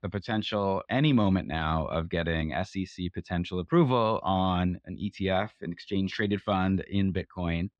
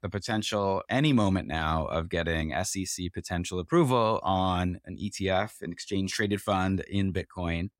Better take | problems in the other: second | muffled; slightly; fading above 4 kHz

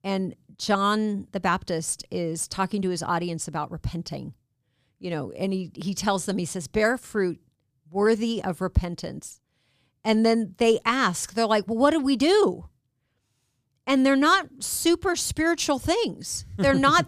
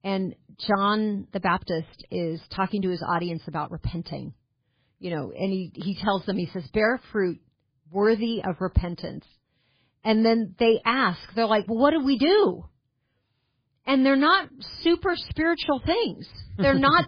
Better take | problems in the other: first | garbled, watery; badly; nothing above 4 kHz

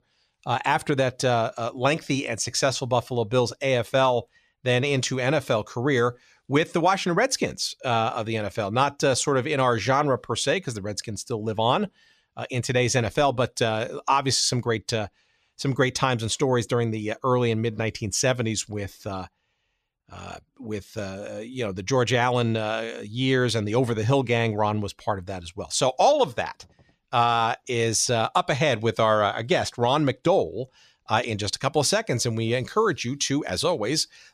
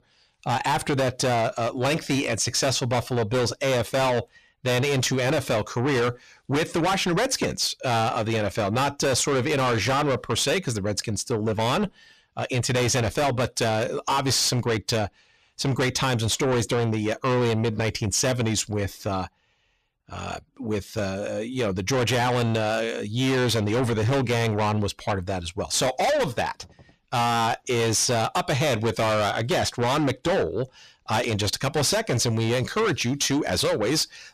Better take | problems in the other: first | distortion; heavy; 6 dB below the speech

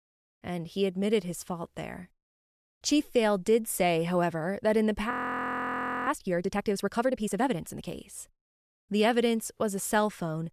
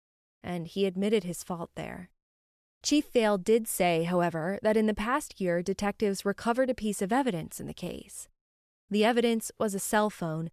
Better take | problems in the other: second | audio freezing; at 5 s for 1 s

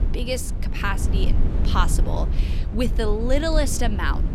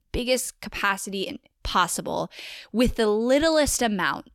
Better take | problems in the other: second | low rumble; noticeable; throughout; 10 dB below the speech

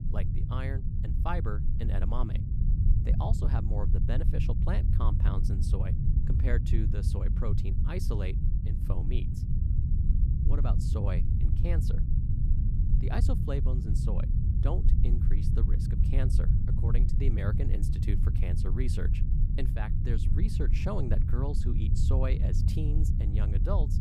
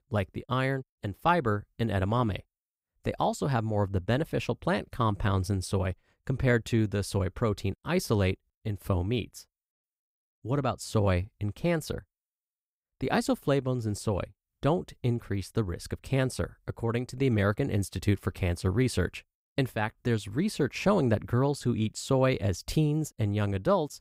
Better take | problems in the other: second | low rumble; loud; throughout; 3 dB below the speech

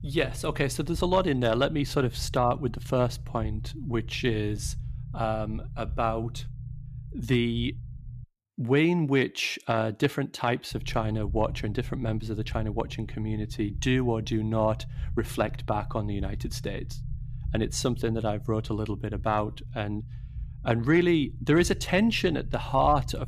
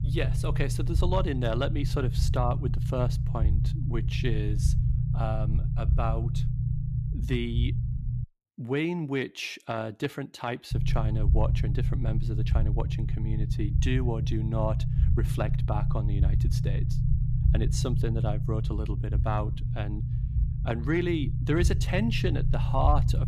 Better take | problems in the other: first | low rumble; loud; until 8 s and from 11 s on; 8 dB below the speech; faint in the first

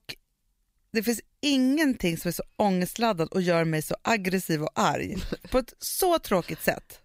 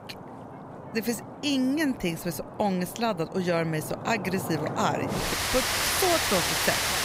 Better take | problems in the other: first | rain or running water; very loud; throughout; 1 dB above the speech

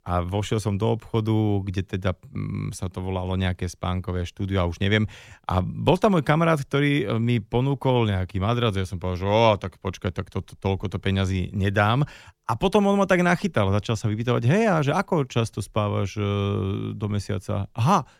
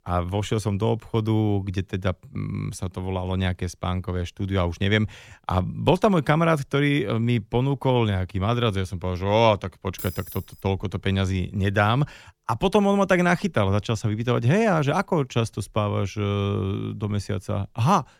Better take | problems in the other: first | jangling keys; faint; at 10 s; peak 10 dB below the speech

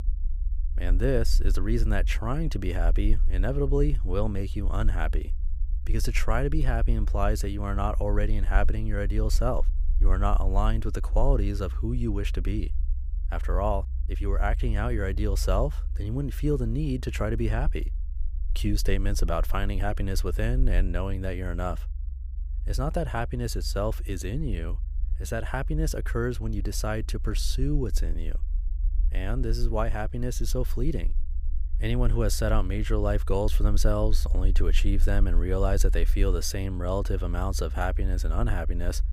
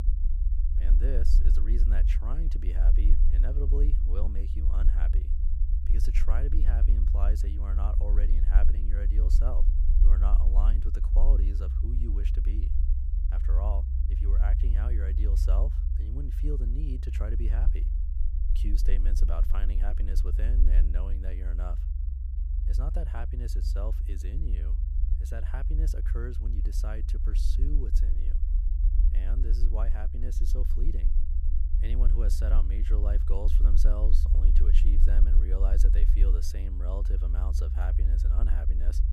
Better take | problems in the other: first | low rumble; loud; throughout; 5 dB below the speech; faint in the first

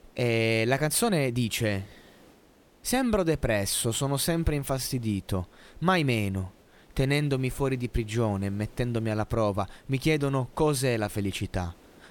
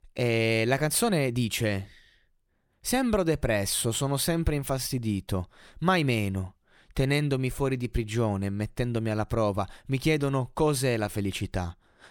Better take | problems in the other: second | hiss; faint; throughout; 30 dB below the speech

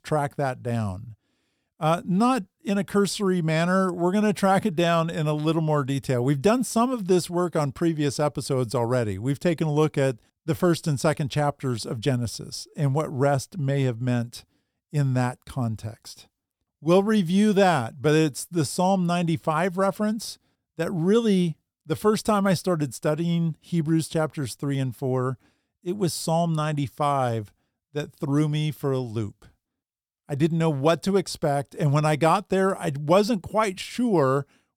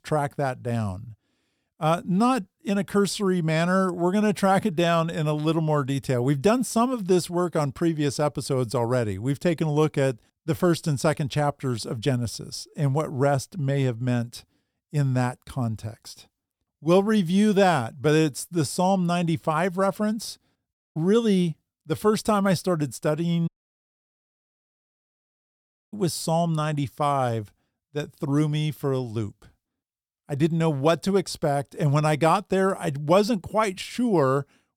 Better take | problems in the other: first | audio cutting out; at 21 s and at 23 s for 2.5 s

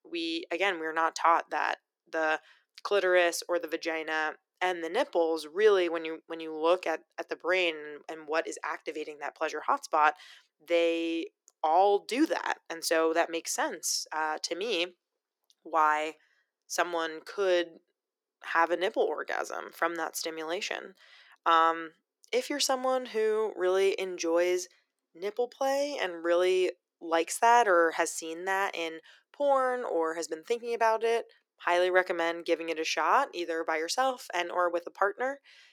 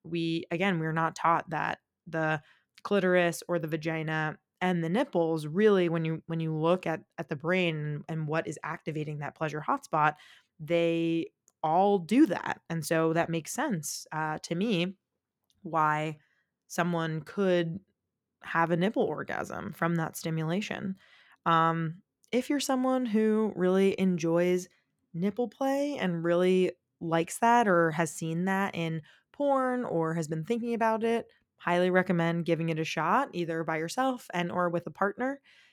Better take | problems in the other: second | thin; very; fading below 350 Hz

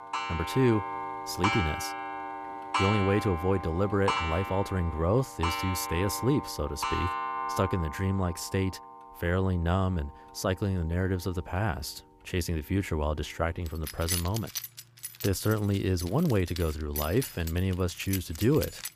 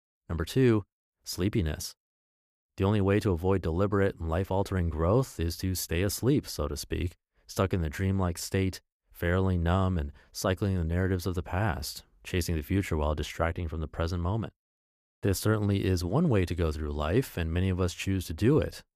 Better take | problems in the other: second | household noises; loud; throughout; 5 dB below the speech

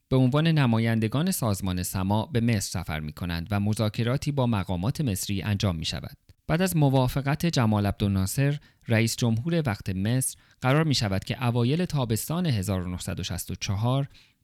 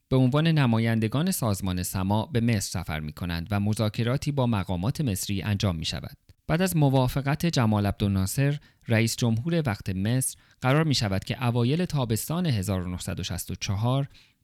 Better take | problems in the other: neither | none

